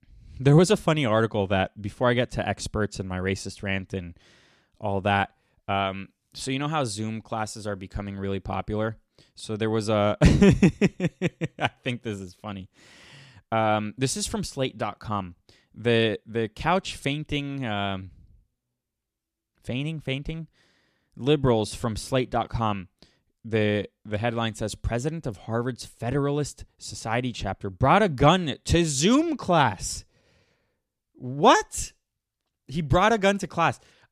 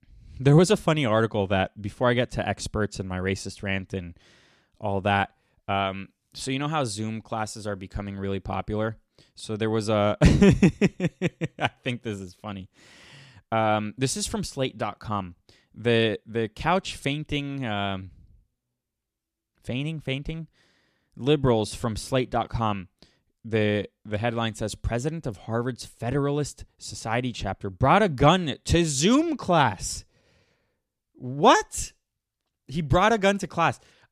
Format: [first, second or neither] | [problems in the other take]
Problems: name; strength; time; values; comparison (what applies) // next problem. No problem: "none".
neither | none